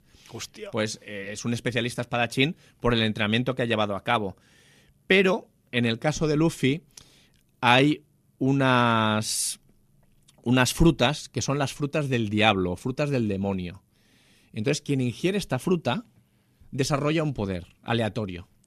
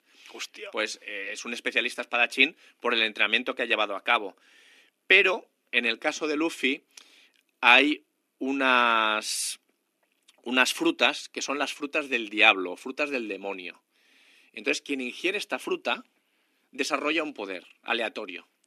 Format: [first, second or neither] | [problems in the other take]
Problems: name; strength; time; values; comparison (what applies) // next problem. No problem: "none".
first | thin; somewhat; fading below 250 Hz